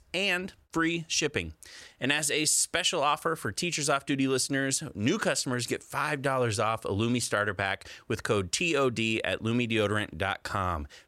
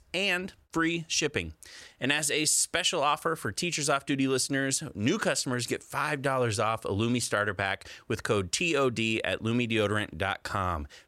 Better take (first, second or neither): neither